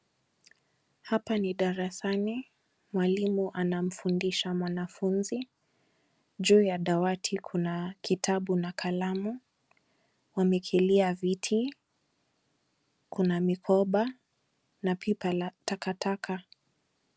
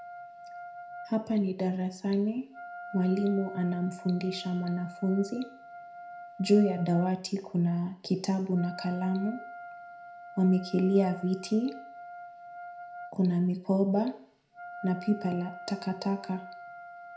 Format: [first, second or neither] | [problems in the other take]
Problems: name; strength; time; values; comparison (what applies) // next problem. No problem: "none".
first | background sound (Wind instrument, woodwind instrument); 15 dB below the speech // room echo; dies away in 0.4 s